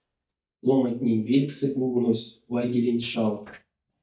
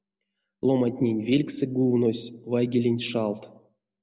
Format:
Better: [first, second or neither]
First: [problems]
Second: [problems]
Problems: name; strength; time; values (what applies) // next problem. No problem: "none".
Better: second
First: noise reduction (neural mask model DeepFilterNet 3)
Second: none